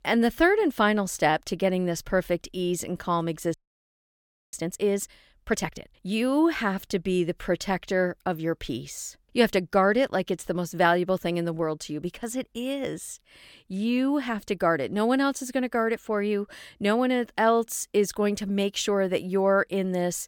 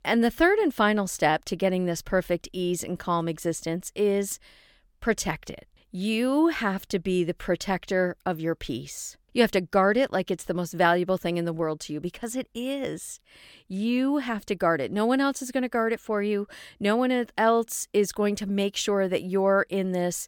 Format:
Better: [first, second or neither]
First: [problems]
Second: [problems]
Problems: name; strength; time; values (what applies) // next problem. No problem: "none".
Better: second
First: audio freezing; at 3.5 s for 1 s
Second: none